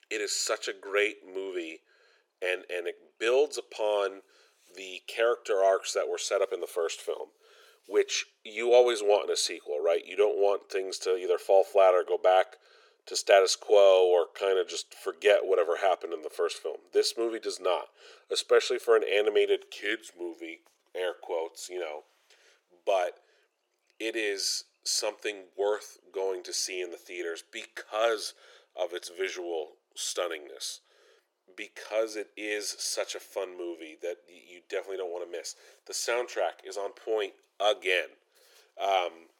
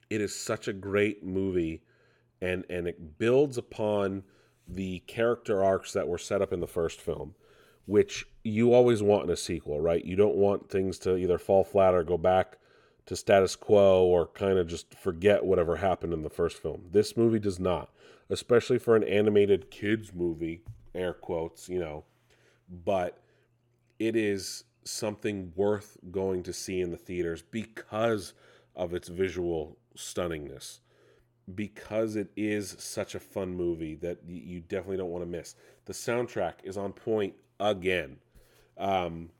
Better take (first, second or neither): second